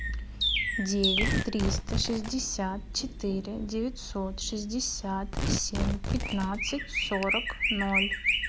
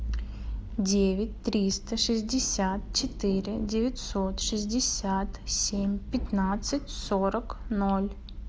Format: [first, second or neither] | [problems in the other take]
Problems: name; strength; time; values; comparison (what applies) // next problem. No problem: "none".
second | background sound (Chirp, tweet + Tearing); as loud as the speech